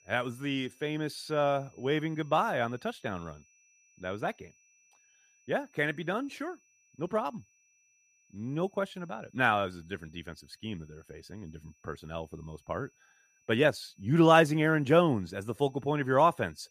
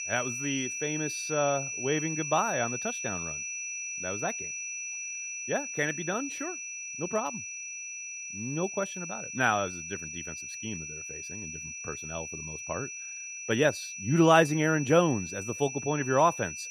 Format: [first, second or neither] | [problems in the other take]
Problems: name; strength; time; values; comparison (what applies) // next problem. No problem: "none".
first | high-pitched whine; loud; throughout; 6 kHz, 6 dB below the speech; faint in the first